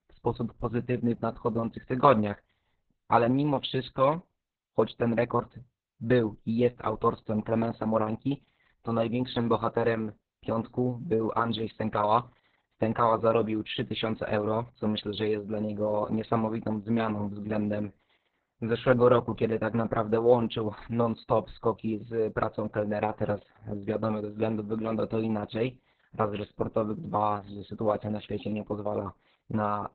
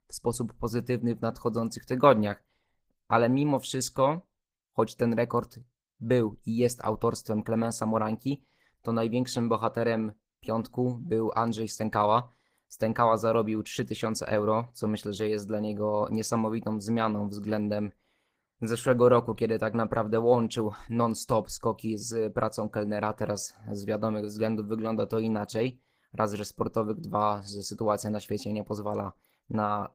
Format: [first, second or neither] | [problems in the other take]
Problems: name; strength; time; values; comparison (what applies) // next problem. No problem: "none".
second | garbled, watery; badly; nothing above 4 kHz; slightly in the second